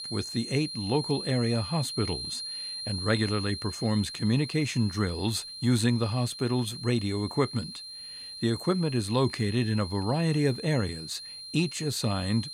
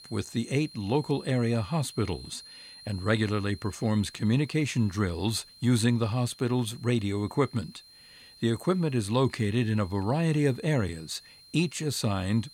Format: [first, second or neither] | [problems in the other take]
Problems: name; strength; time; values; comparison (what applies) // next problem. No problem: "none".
second | high-pitched whine; loud; throughout; 4 kHz, 8 dB below the speech; faint in the second